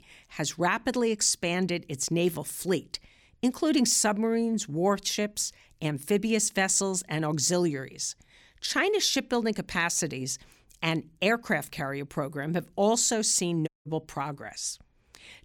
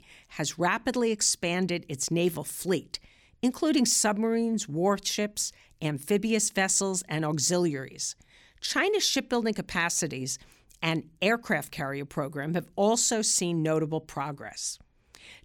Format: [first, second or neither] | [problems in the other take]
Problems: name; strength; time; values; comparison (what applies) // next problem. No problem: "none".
second | audio cutting out; at 14 s